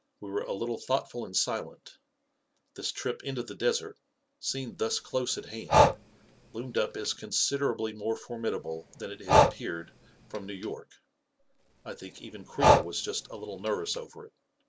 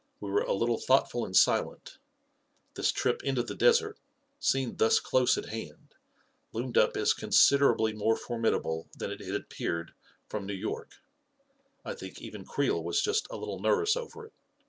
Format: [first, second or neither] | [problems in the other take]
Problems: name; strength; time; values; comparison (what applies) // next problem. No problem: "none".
second | background sound (Breathing); 4 dB above the speech